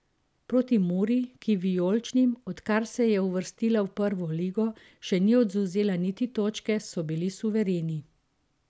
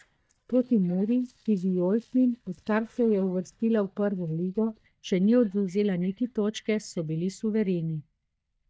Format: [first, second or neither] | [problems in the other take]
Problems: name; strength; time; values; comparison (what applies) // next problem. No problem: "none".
first | noise reduction (neural mask model DeepFilterNet 3)